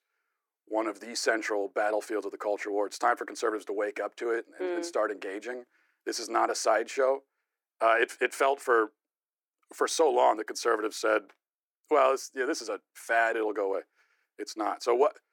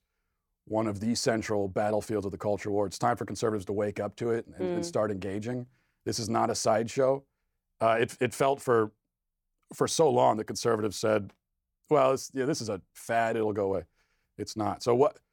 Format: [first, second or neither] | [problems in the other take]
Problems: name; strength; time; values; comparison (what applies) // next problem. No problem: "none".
second | thin; very; fading below 300 Hz